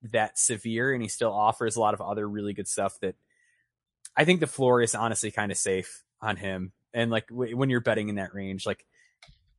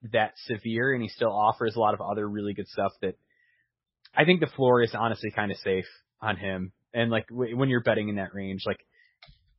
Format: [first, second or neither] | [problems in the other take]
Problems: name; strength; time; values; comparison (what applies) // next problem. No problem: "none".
first | garbled, watery; badly; nothing above 5.5 kHz; slightly in the first